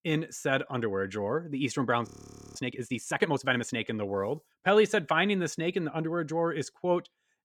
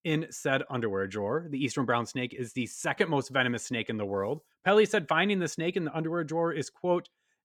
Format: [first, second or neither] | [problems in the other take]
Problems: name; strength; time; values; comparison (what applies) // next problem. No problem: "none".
second | audio freezing; at 2 s